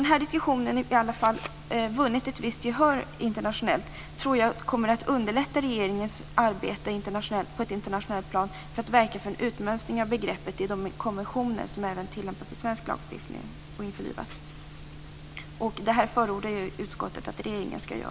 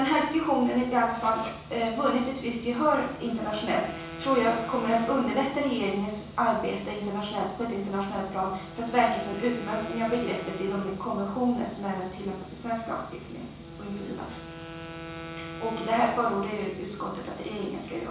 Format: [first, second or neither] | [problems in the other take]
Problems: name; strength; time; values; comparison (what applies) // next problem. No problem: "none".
first | background sound (Wind instrument, woodwind instrument); 16 dB below the speech // room echo; dies away in 0.7 s